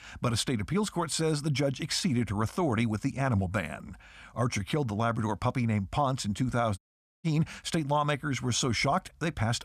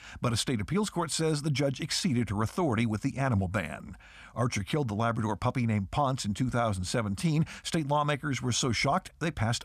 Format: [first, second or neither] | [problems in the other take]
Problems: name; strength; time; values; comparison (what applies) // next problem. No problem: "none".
second | audio cutting out; at 7 s